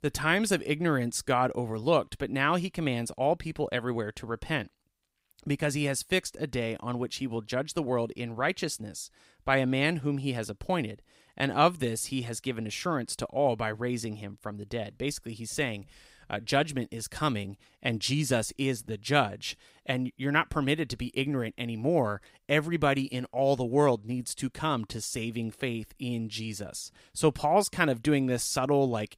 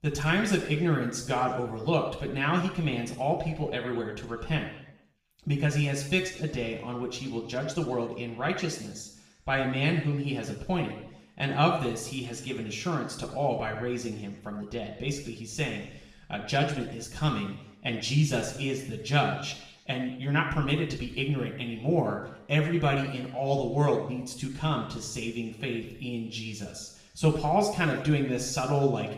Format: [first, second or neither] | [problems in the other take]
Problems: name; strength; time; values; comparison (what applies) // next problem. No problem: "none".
first | room echo; noticeable; dies away in 0.8 s // off-mic speech; far